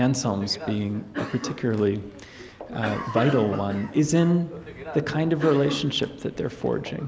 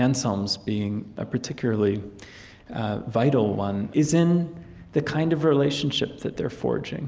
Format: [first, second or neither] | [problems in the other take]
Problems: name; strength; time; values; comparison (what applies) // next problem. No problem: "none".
second | background sound (Cough); 12 dB below the speech